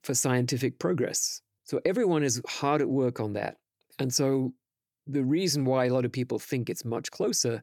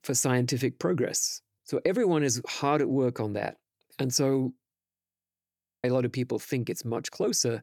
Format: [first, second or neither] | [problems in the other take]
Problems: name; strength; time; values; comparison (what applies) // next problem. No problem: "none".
first | audio freezing; at 5 s for 1 s